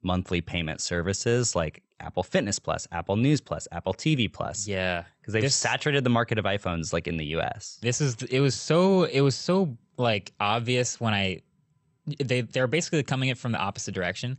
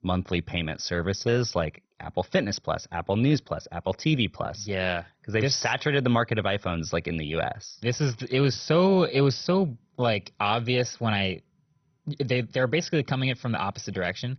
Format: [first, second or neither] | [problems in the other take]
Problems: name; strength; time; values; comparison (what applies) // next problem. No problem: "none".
first | garbled, watery; badly; nothing above 6 kHz; slightly in the first